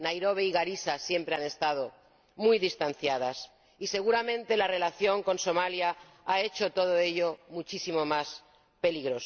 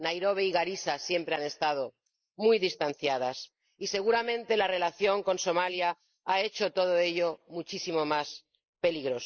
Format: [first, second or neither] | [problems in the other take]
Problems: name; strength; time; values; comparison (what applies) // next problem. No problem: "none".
first | noise reduction (neural mask model Resemble Enhance denoiser)